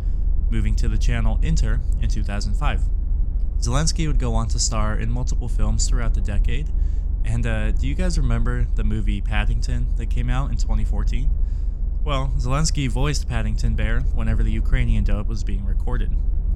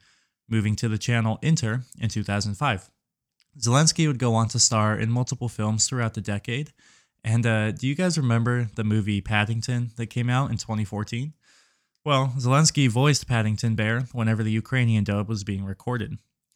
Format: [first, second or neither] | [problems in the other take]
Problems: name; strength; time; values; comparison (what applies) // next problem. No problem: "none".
second | low rumble; noticeable; throughout; 15 dB below the speech